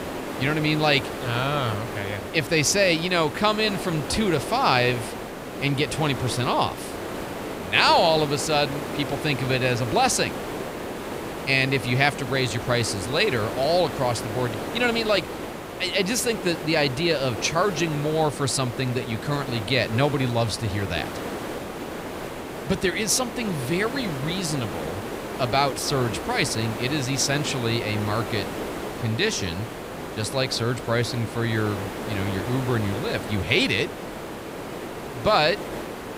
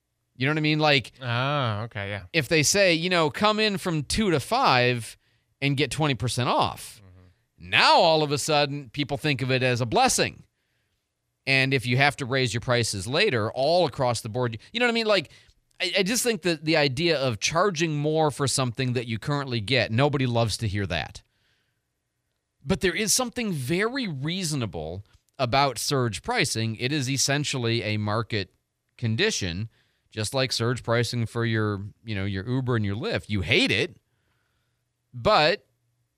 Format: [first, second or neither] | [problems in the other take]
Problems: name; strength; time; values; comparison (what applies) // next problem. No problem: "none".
second | hiss; loud; throughout; 8 dB below the speech